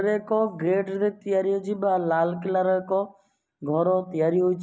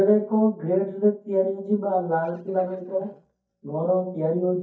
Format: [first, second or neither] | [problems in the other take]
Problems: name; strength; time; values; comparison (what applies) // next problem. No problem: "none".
first | noise reduction (neural mask model DeepFilterNet 3)